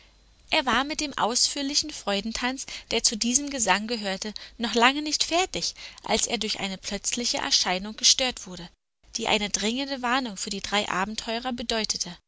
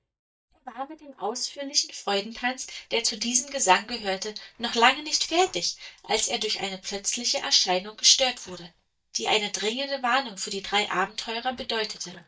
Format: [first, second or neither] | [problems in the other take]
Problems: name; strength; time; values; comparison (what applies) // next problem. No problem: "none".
first | noise reduction (neural mask model DeepFilterNet 3)